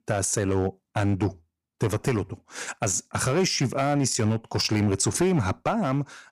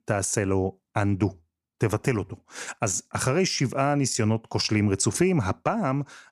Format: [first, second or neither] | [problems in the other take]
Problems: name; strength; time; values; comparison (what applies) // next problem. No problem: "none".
second | distortion; slight; 6% of the sound clipped